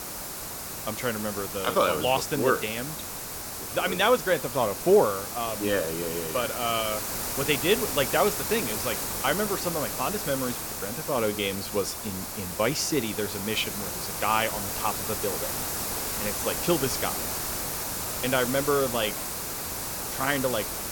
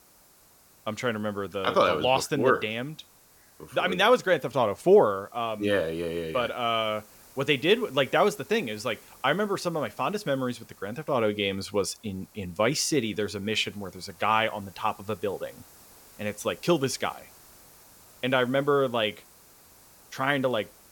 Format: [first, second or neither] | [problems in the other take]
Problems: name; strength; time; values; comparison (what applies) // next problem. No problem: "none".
second | hiss; loud; throughout; 3 dB below the speech; faint in the second